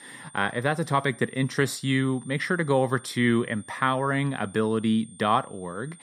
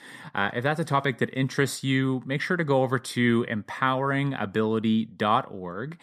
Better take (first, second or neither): second